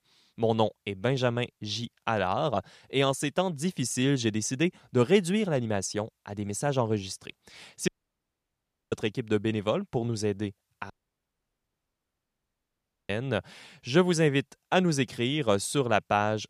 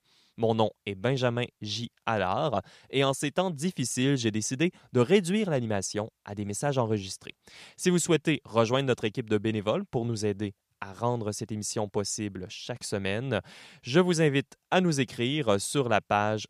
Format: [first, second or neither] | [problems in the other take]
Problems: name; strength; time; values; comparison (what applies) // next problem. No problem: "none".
second | audio cutting out; at 8 s for 1 s and at 11 s for 2 s